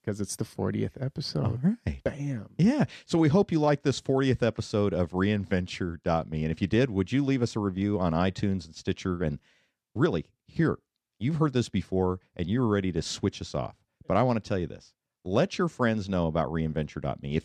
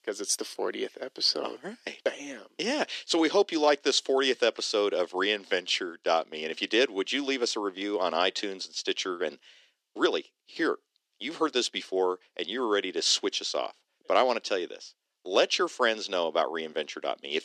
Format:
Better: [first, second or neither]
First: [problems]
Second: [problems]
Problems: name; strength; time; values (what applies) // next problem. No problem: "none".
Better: first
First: none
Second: thin; very; fading below 350 Hz